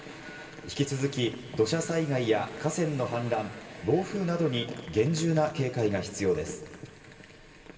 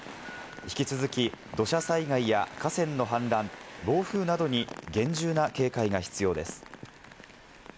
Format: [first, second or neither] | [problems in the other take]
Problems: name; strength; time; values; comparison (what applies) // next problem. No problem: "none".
second | room echo; dies away in 2.7 s